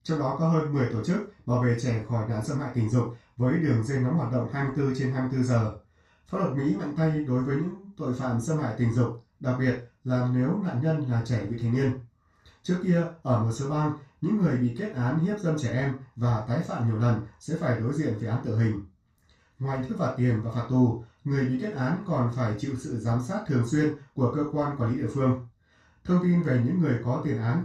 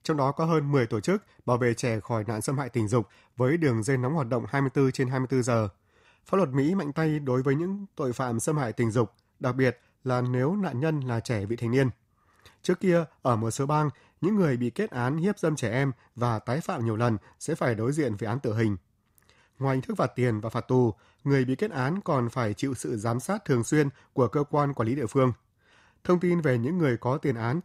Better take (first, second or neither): second